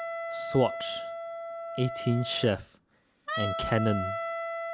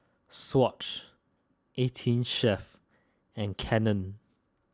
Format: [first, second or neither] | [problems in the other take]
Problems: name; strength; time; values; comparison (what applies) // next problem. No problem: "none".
second | background sound (Wind instrument, woodwind instrument); 4 dB below the speech